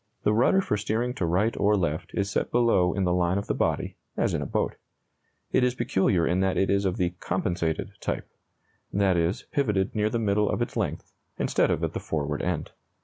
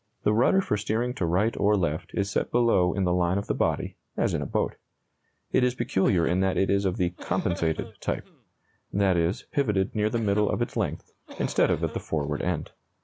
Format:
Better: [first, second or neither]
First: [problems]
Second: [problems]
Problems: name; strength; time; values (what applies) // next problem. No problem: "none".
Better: first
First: none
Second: background sound (Cough); 19 dB below the speech